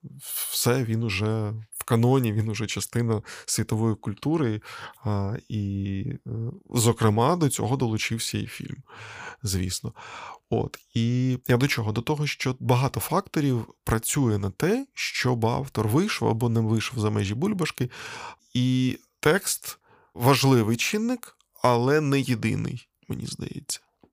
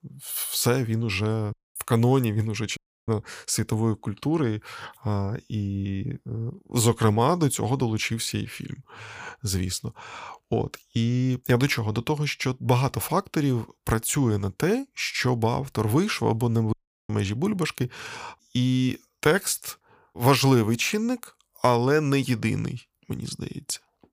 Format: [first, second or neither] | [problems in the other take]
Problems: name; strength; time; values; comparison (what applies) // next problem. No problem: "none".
first | audio cutting out; at 1.5 s, at 3 s and at 17 s